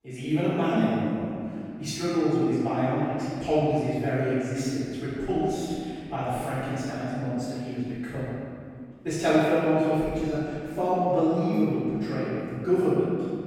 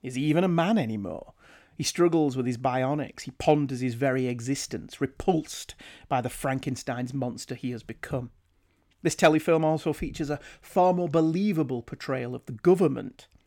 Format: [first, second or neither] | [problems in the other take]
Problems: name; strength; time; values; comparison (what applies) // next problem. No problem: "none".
second | off-mic speech; far // room echo; strong; dies away in 2.2 s